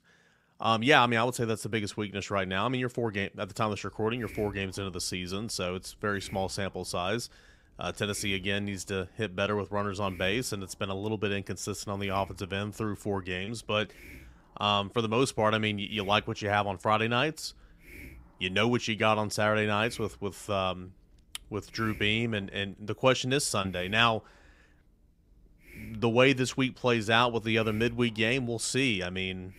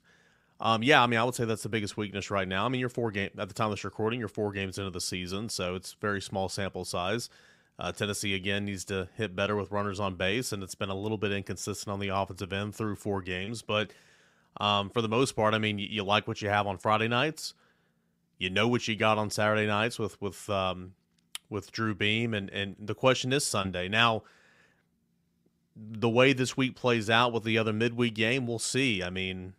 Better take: second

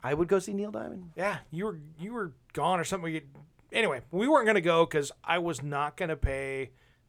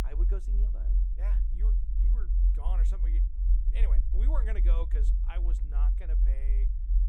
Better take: first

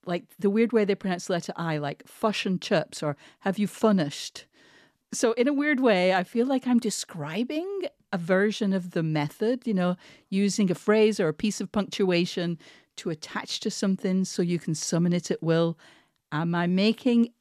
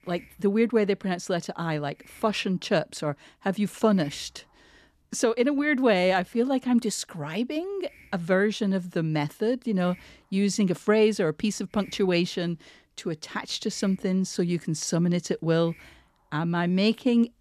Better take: first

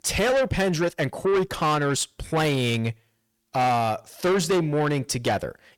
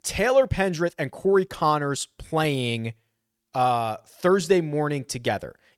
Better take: second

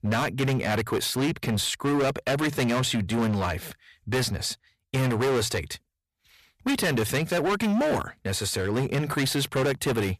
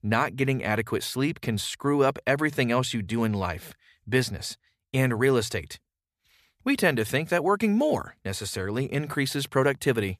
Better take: second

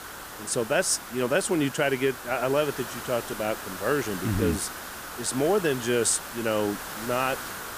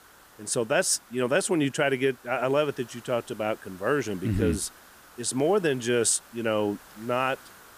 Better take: second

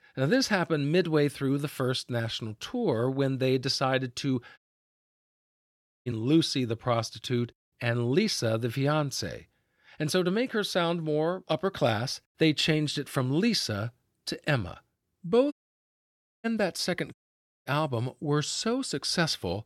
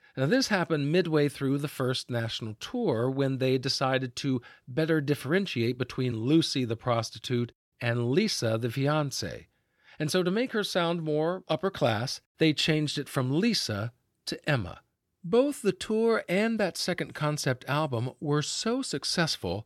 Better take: second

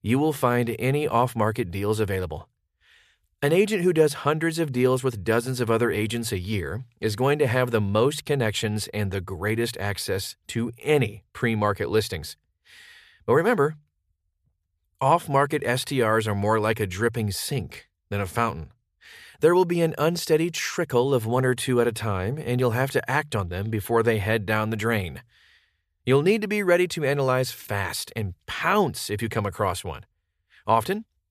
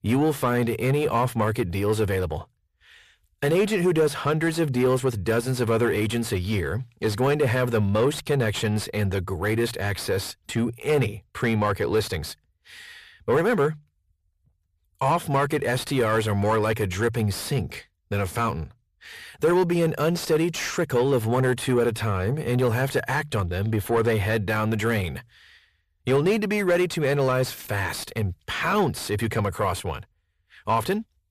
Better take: first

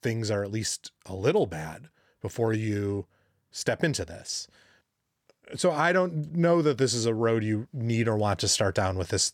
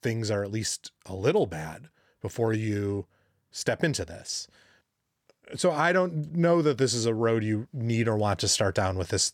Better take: neither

